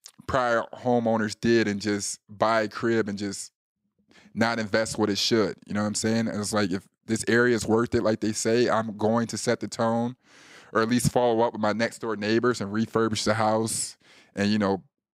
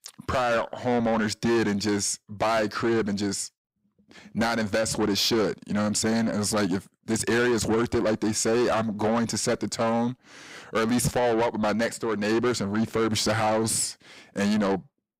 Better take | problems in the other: first | distortion; heavy; 8 dB below the speech

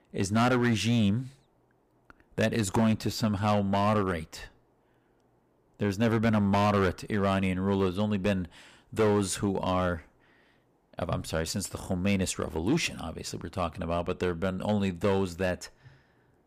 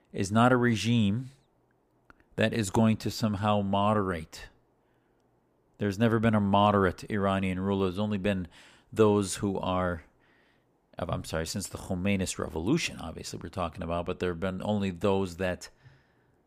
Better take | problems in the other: second | distortion; slight; 5% of the sound clipped

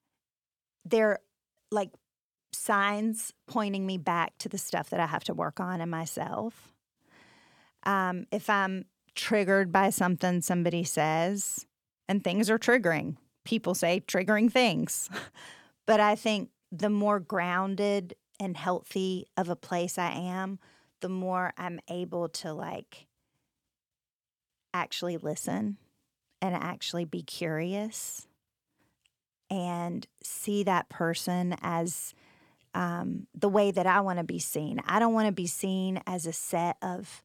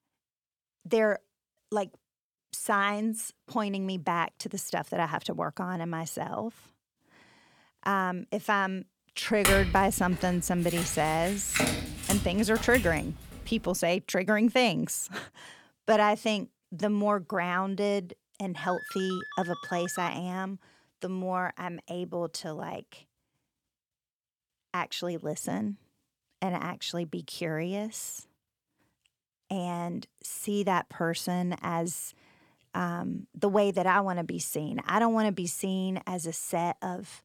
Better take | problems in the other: first | clattering dishes; loud; from 9.5 to 13 s; peak 4 dB above the speech // phone ringing; noticeable; from 19 to 20 s; peak 10 dB below the speech

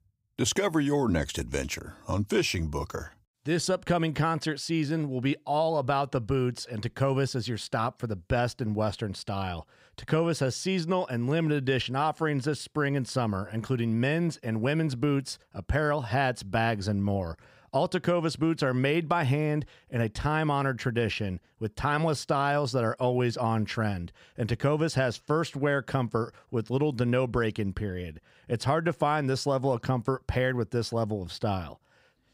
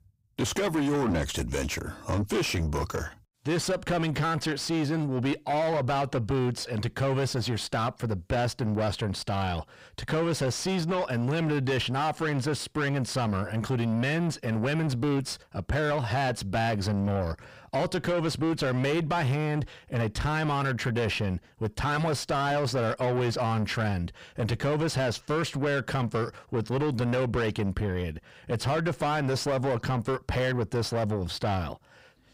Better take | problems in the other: first | distortion; heavy; 6 dB below the speech

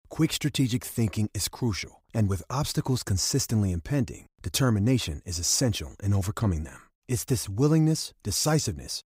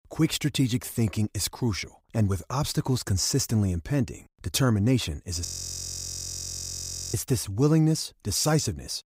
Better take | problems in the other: first | audio freezing; at 5.5 s for 1.5 s

